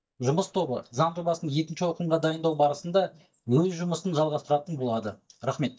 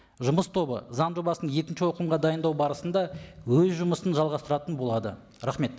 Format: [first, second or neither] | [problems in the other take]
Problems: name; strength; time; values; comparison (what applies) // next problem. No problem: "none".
second | noise reduction (neural mask model DeepFilterNet 3)